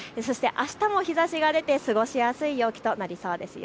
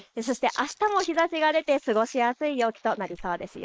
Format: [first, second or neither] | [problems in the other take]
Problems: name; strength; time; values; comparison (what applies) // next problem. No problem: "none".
first | noise reduction (neural mask model Resemble Enhance denoiser)